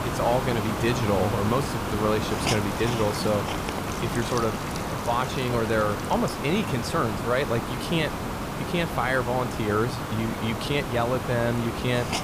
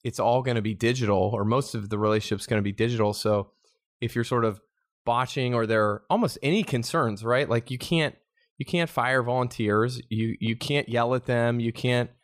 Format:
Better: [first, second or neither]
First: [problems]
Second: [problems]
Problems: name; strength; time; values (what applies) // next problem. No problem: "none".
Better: second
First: hiss; loud; throughout; 3 dB below the speech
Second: none